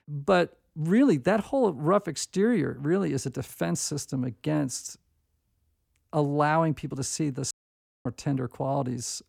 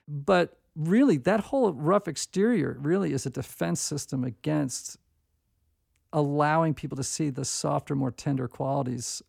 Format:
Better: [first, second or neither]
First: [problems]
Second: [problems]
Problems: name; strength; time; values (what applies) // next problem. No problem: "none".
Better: second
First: audio cutting out; at 7.5 s for 0.5 s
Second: none